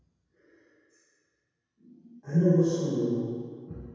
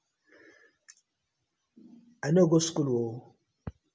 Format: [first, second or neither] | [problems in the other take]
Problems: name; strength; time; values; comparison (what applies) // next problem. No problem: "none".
second | room echo; dies away in 2 s